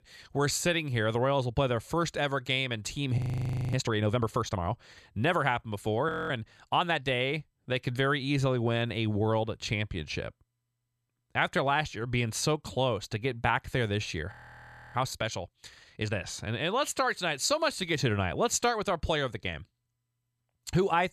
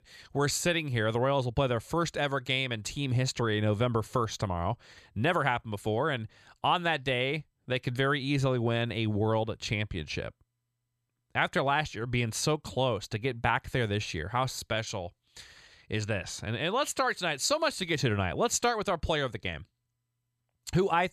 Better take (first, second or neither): second